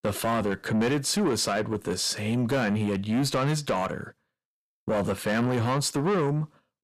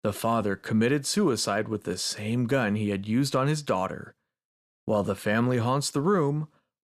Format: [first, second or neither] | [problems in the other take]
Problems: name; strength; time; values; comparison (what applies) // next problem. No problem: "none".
second | distortion; slight; 10 dB below the speech